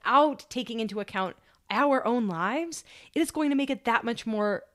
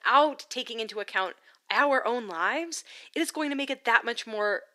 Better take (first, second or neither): first